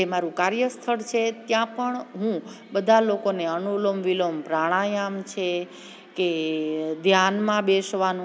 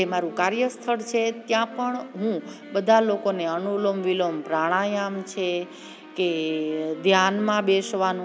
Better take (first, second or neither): first